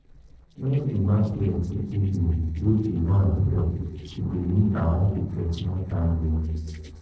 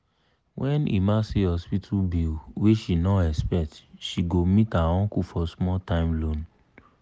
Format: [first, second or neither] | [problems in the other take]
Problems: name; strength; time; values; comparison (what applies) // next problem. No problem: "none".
second | noise reduction (neural separator model SepFormer DNS4)